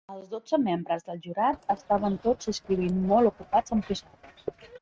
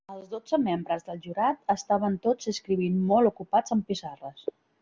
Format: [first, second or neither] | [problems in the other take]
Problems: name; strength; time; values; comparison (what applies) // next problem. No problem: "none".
second | noise reduction (neural mask model RNNoise)